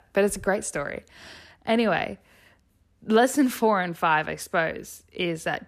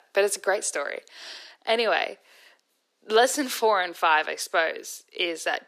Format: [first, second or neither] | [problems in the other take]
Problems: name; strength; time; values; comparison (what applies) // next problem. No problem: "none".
first | thin; somewhat; fading below 350 Hz